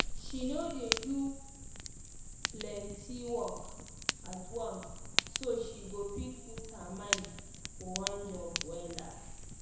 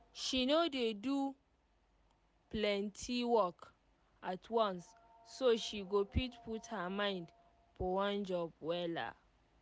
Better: second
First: background sound (Fire); 1 dB above the speech // room echo; dies away in 1 s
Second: none

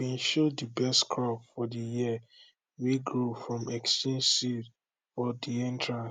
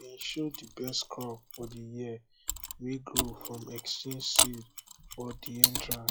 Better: first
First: none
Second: noise reduction (classical method log-MMSE)

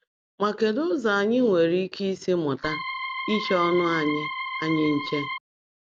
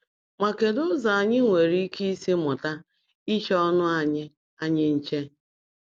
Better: second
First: background sound (Organ); 6 dB below the speech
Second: none

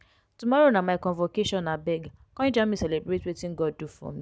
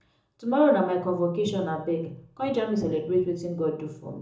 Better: first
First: none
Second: room echo; dies away in 0.6 s

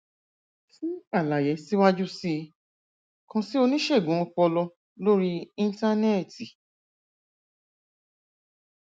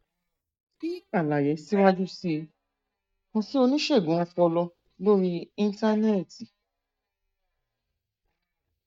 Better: first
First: none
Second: noise reduction (neural mask model DeepFilterNet 3)

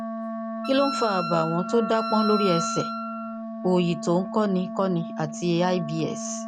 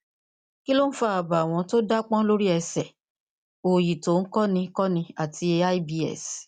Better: second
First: background sound (Wind instrument, woodwind instrument + Wind instrument, woodwind instrument); 5 dB below the speech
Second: none

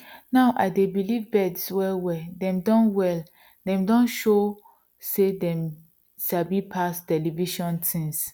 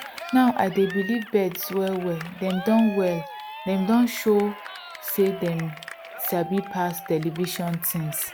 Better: first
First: none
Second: background sound (Cheering); 13 dB below the speech

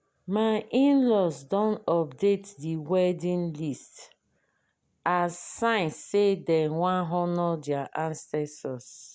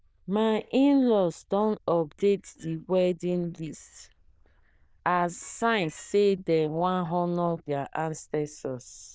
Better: first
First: none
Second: noise reduction (neural diffusion model UNIVERSE++)

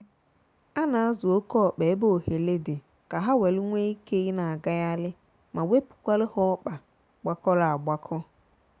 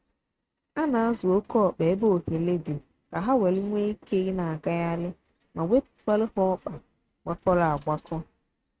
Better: first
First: none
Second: noise reduction (neural mask model RNNoise)

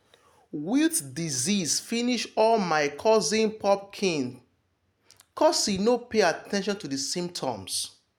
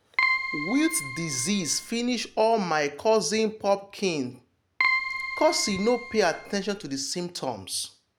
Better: first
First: none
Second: background sound (Keyboard (musical)); 4 dB below the speech

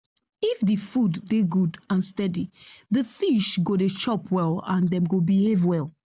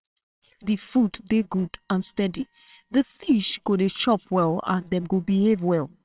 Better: first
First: none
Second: noise reduction (neural separator model SepFormer WHAMR!)

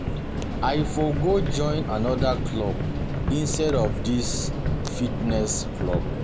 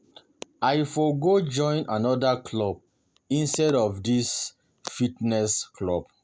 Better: second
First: background sound (Subway, metro, underground); as loud as the speech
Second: none

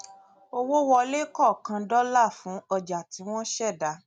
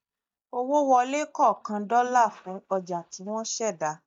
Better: first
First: none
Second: noise reduction (neural mask model DeepFilterNet 3)

